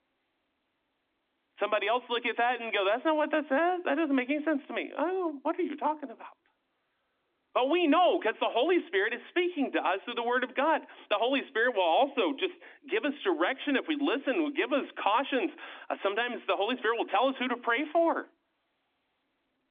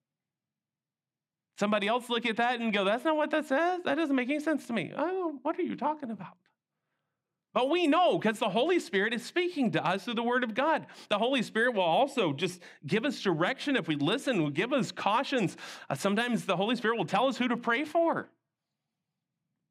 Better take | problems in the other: second | phone-call audio; nothing above 3.5 kHz

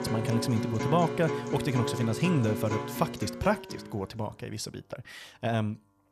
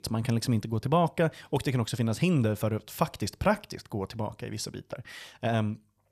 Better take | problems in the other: second | background music; loud; throughout; 4 dB below the speech

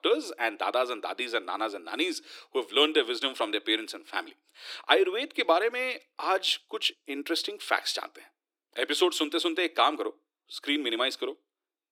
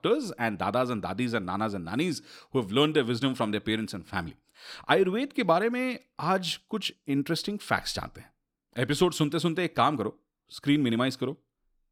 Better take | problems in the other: second | thin; somewhat; fading below 300 Hz

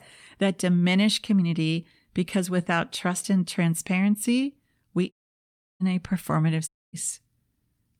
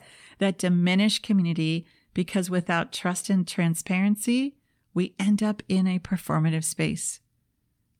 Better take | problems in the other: second | audio cutting out; at 5 s for 0.5 s and at 6.5 s

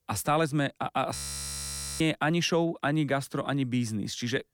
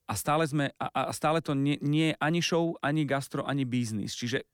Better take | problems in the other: second | audio freezing; at 1 s for 1 s

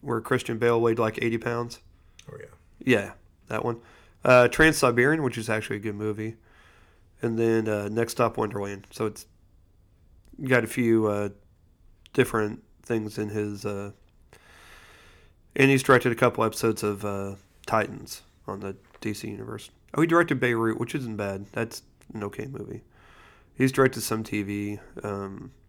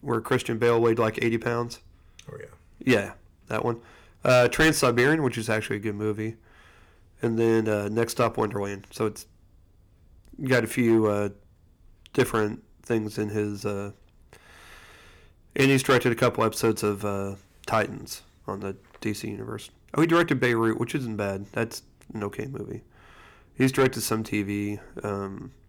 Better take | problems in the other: first | distortion; slight; 1.9% of the sound clipped

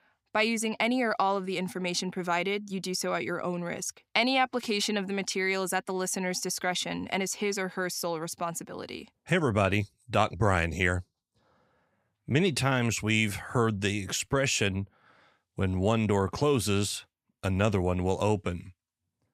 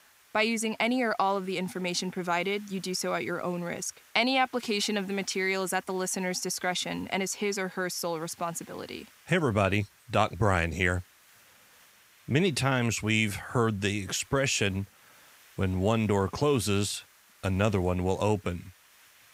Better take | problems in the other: first | hiss; faint; throughout; 25 dB below the speech

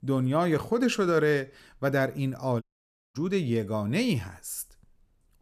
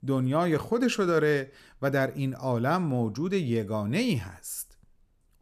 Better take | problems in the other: second | audio cutting out; at 2.5 s for 0.5 s

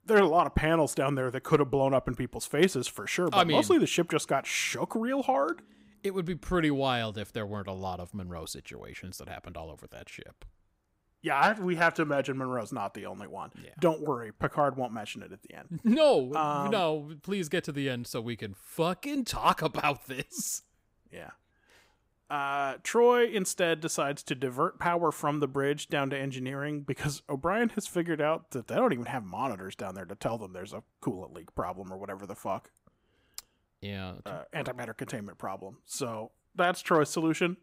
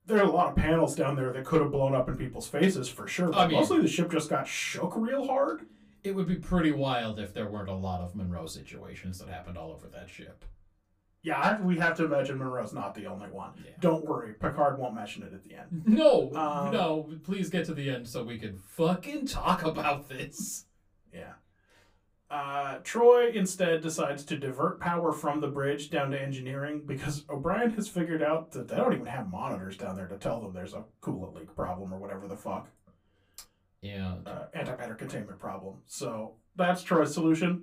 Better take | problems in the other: first | off-mic speech; far // room echo; very slight; dies away in 0.2 s

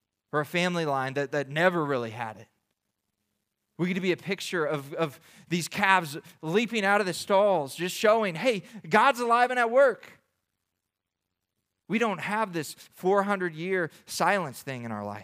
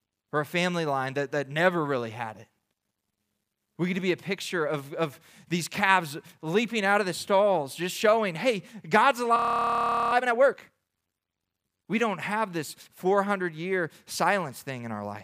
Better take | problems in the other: first | audio freezing; at 9.5 s for 1 s

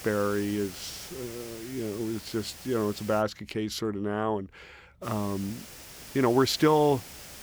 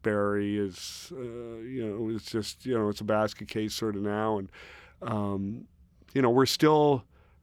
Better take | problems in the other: second | hiss; noticeable; until 3 s and from 5 s on; 15 dB below the speech

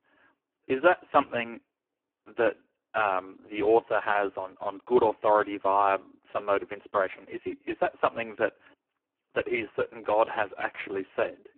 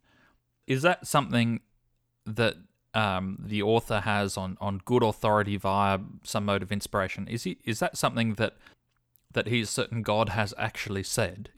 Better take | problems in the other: second | phone-call audio; poor line

